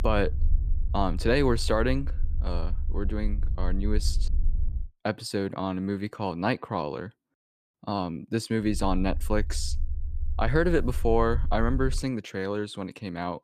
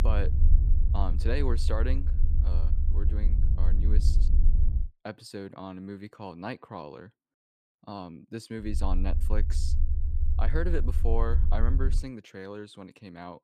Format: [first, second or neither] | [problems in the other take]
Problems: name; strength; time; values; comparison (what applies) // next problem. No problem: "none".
first | low rumble; loud; until 5 s and from 8.5 to 12 s; 9 dB below the speech; faint in the first